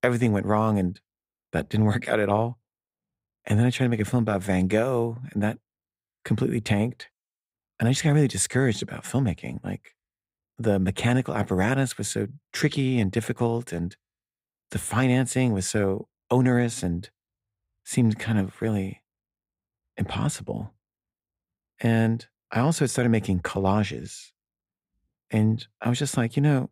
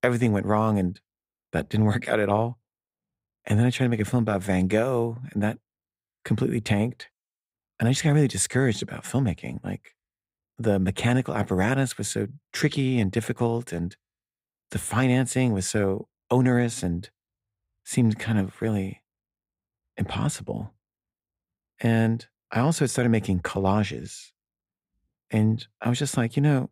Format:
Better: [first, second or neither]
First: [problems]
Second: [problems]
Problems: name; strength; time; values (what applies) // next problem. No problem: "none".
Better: neither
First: none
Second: none